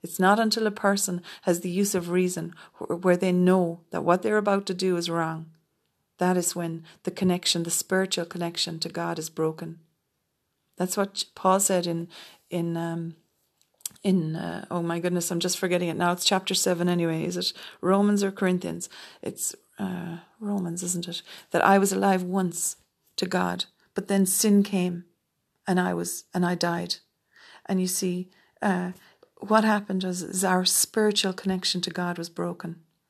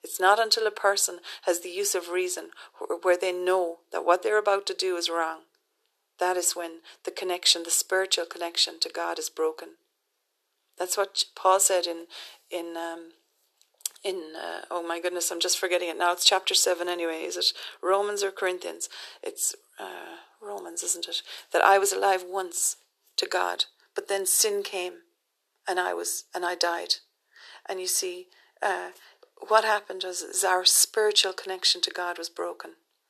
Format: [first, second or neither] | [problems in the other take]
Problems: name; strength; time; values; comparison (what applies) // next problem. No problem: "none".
first | thin; very; fading below 350 Hz